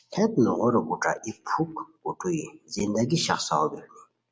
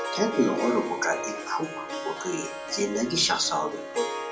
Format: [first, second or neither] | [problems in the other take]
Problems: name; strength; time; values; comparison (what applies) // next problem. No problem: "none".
first | background sound (Harp); 6 dB below the speech // room echo; dies away in 0.2 s